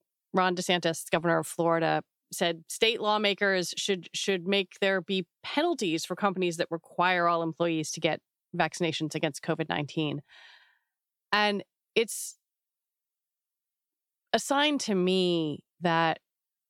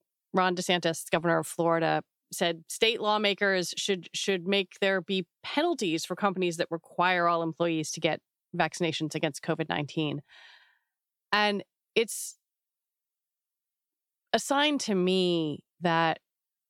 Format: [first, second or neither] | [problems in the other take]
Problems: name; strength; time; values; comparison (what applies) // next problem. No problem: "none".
neither | none